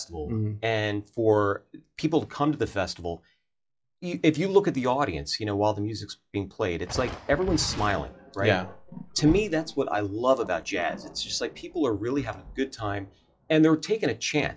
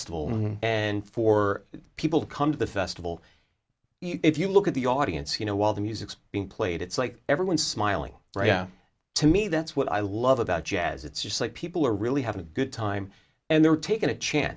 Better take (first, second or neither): second